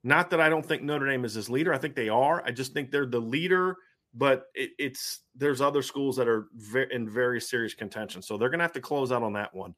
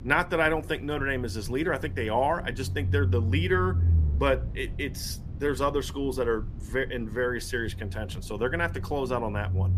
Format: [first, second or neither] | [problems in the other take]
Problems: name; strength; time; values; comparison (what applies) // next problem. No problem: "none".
first | low rumble; noticeable; throughout; 20 dB below the speech